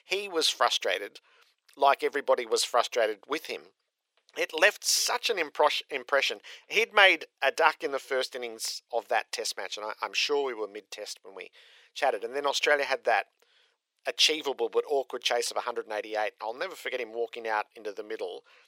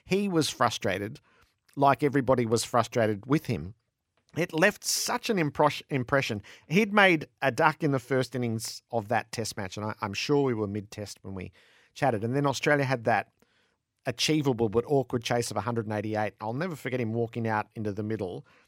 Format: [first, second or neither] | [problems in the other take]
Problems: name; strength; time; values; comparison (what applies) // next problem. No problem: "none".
second | thin; very; fading below 450 Hz